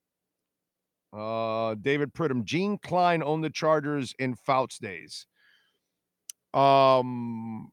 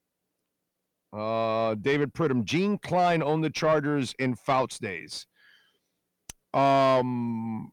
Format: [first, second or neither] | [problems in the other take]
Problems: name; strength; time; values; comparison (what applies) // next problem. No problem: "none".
first | distortion; slight; 10 dB below the speech